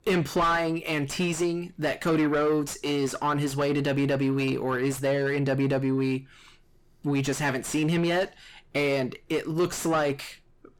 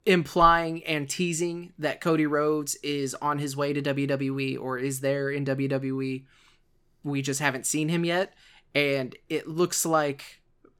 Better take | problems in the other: second | distortion; heavy; 6 dB below the speech

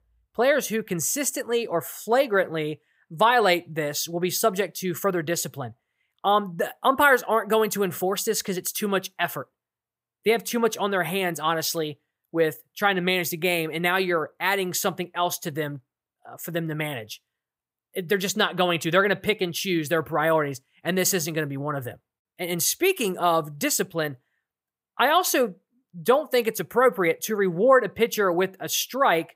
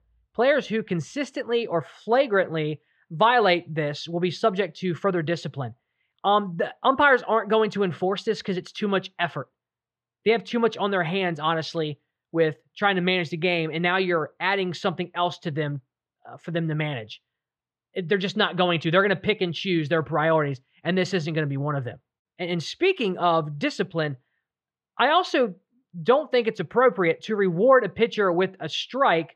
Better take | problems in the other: first | muffled; slightly; fading above 4 kHz

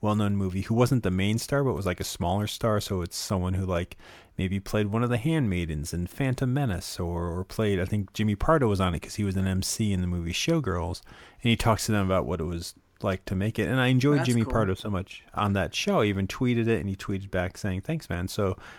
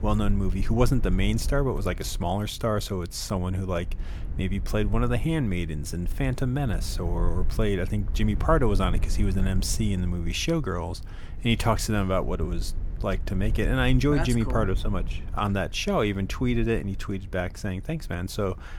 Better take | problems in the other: first | low rumble; faint; throughout; 20 dB below the speech

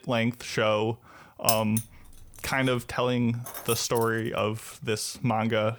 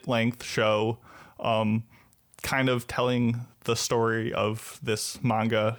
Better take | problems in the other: second | jangling keys; loud; at 1.5 s; peak 2 dB above the speech // jangling keys; noticeable; at 3.5 s; peak 6 dB below the speech

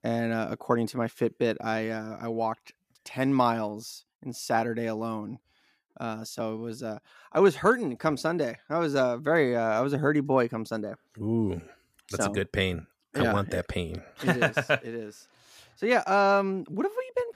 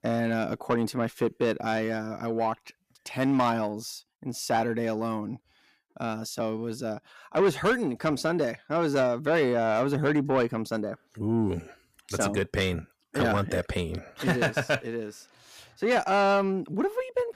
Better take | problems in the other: first | distortion; slight; 10 dB below the speech

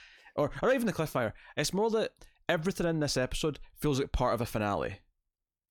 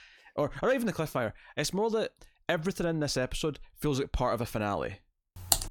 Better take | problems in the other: first | keyboard typing; loud; at 5.5 s; peak 4 dB above the speech

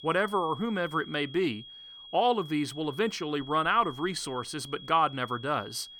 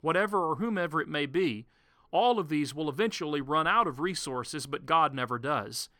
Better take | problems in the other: second | high-pitched whine; noticeable; throughout; 3.5 kHz, 15 dB below the speech

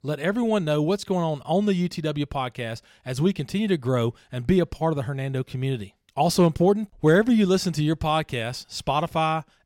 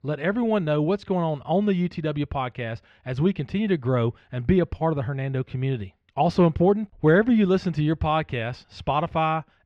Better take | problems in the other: first | muffled; slightly; fading above 2.5 kHz

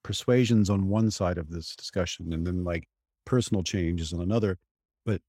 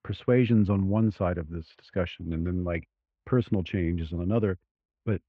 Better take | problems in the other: first | muffled; very; fading above 2.5 kHz

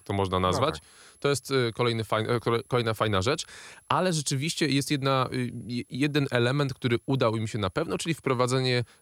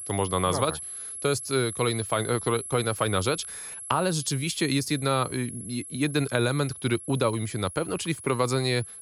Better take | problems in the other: first | high-pitched whine; loud; throughout; 11 kHz, 9 dB below the speech; faint in the first

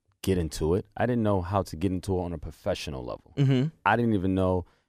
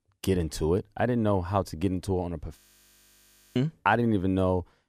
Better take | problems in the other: first | audio freezing; at 2.5 s for 1 s

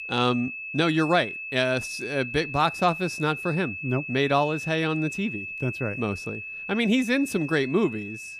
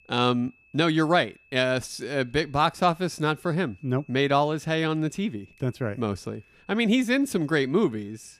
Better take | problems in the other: second | high-pitched whine; loud; throughout; 2.5 kHz, 8 dB below the speech; faint in the second

